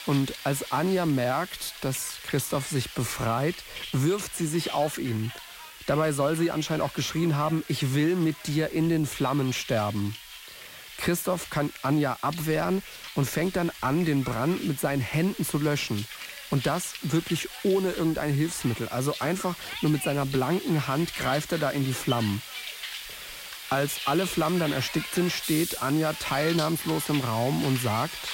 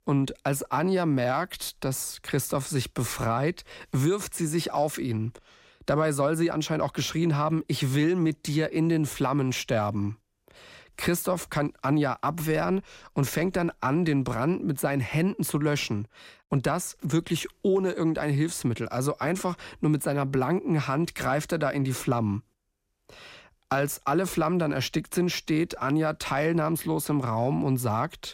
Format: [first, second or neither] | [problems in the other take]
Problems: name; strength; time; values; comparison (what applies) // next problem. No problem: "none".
second | hiss; loud; throughout; 10 dB below the speech